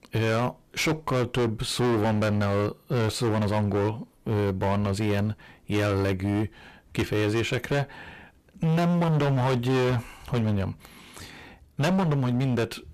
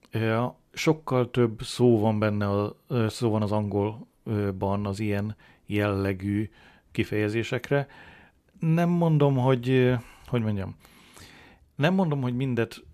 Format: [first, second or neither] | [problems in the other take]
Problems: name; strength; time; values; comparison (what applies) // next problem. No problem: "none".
second | distortion; heavy; 22% of the sound clipped